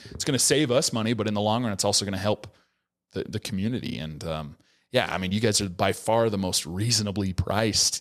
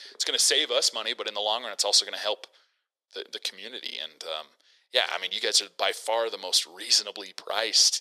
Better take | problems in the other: first | thin; very; fading below 450 Hz

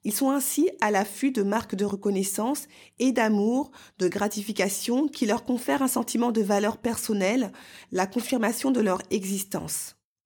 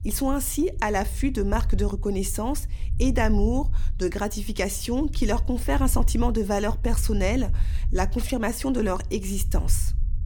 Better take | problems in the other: first | low rumble; faint; throughout; 20 dB below the speech

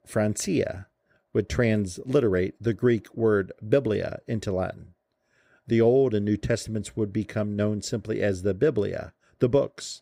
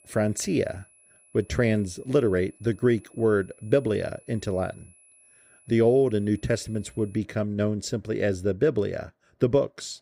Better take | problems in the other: first | high-pitched whine; faint; until 7 s; 11 kHz, 30 dB below the speech

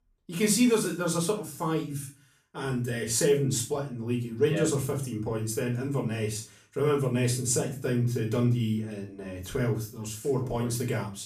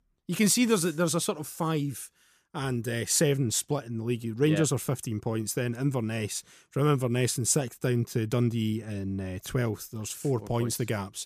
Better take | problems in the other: second | room echo; slight; dies away in 0.3 s // off-mic speech; far

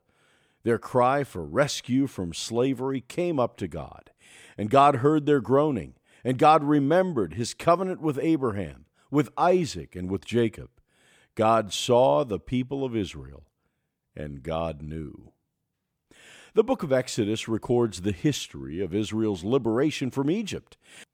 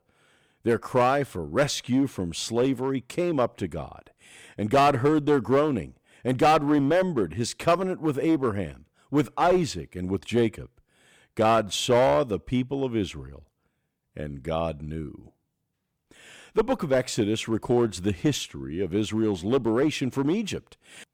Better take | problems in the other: first | distortion; slight; 4% of the sound clipped

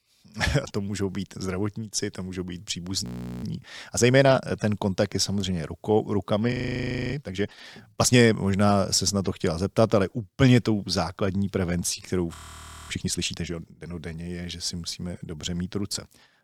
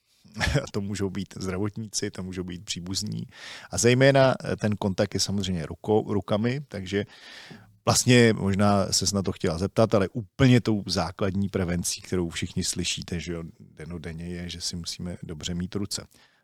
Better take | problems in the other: second | audio freezing; at 3 s, at 6.5 s for 0.5 s and at 12 s for 0.5 s

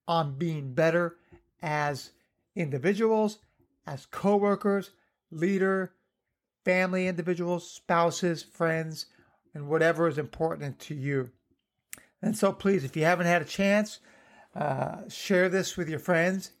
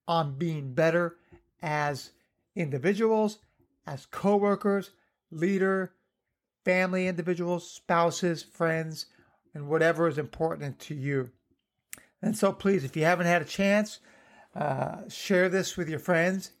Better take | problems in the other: neither | none

